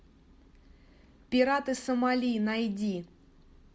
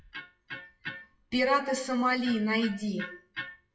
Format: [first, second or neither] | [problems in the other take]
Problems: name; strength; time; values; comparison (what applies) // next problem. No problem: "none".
first | noise reduction (classical method WPE with log-MMSE)